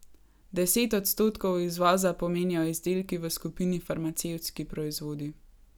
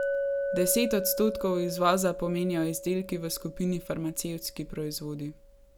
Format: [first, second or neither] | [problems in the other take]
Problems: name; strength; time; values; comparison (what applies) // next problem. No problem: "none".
first | background sound (Chink, clink); 6 dB below the speech